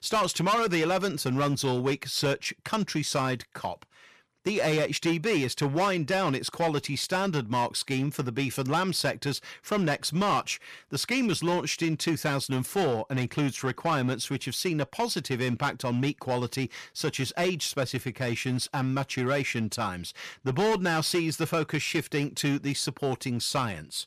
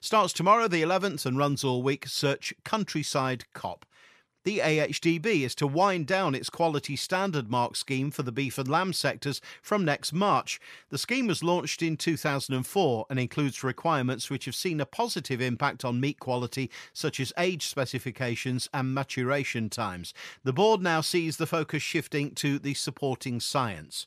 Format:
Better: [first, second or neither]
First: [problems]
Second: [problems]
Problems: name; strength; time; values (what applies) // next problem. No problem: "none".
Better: second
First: distortion; slight; 8% of the sound clipped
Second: none